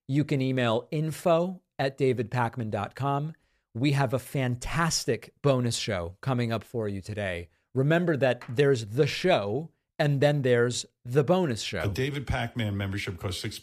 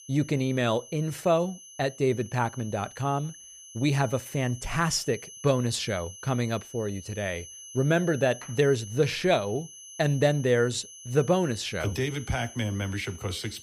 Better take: first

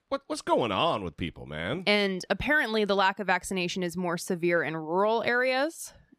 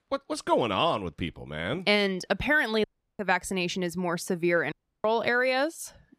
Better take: first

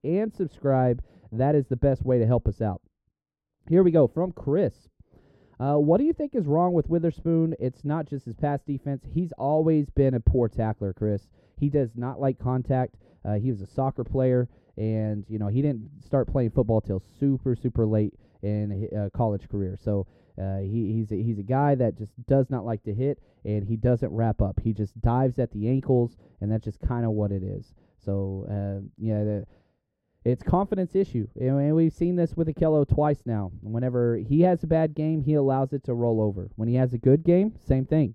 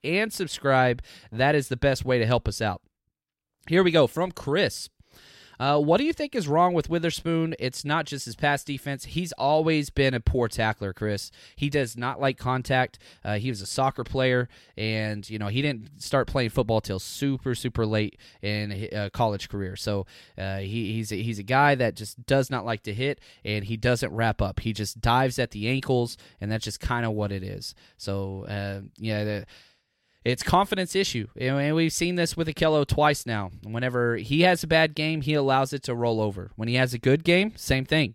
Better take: second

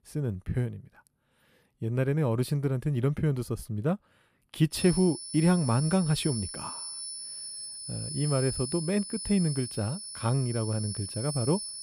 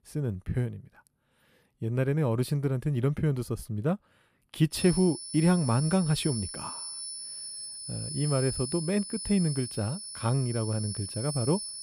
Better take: neither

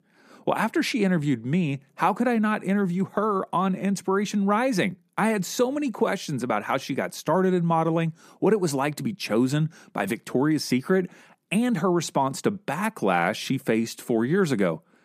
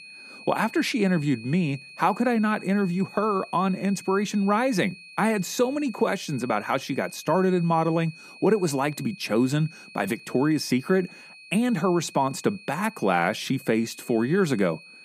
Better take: first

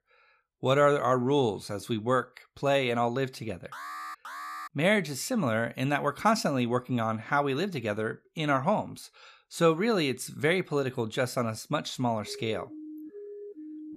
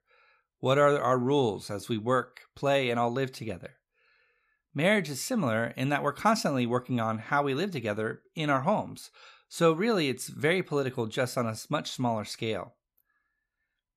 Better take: second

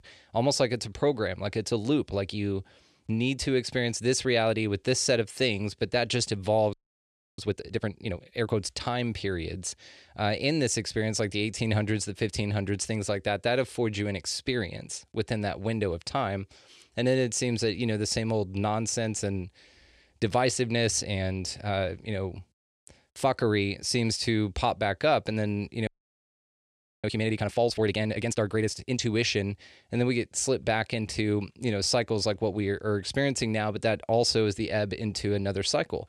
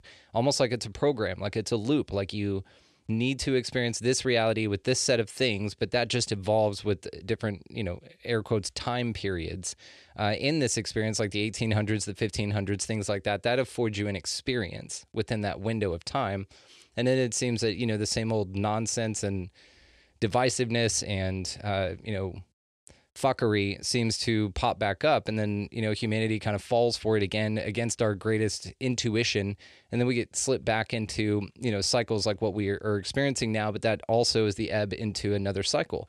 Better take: second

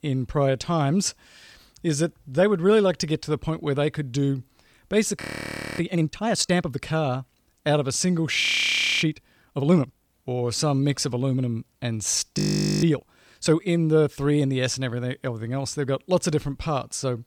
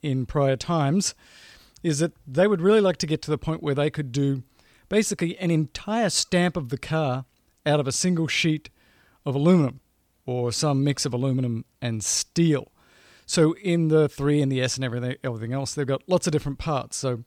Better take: second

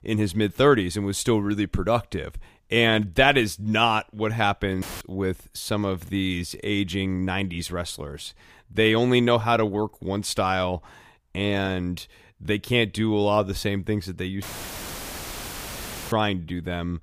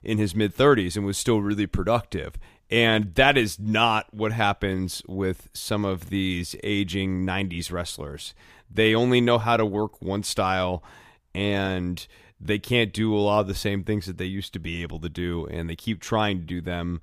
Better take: second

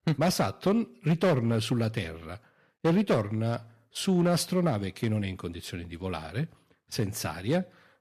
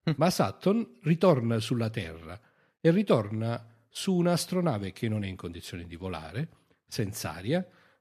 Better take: second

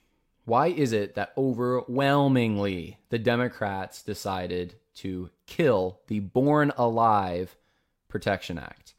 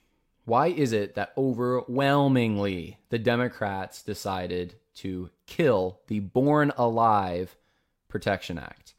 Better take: neither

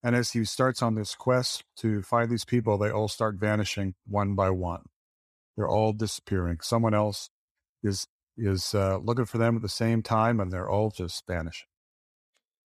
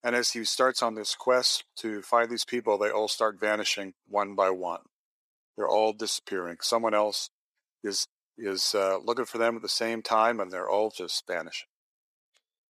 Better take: first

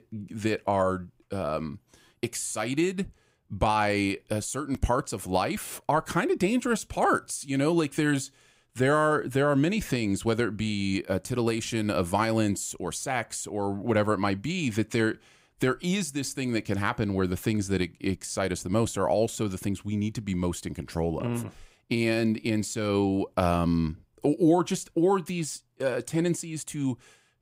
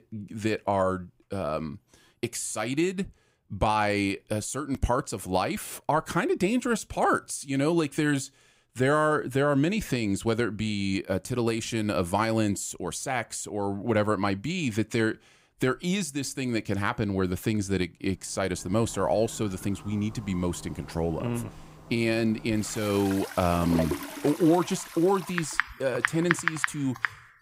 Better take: first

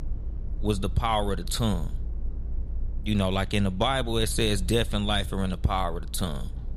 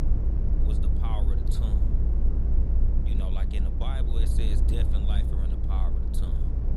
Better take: first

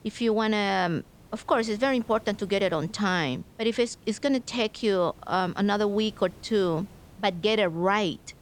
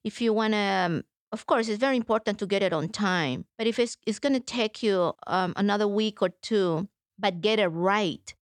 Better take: second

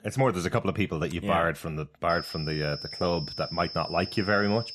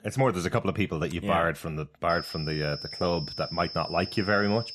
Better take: neither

